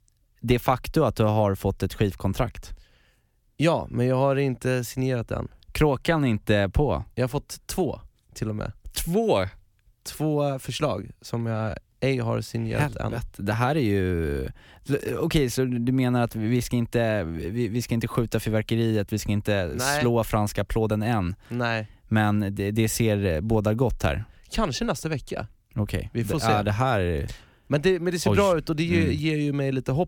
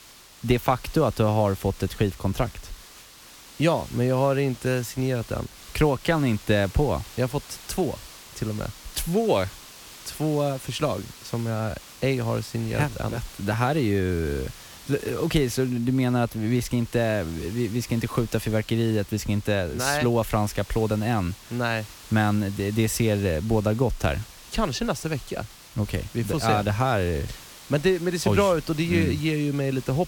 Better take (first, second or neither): first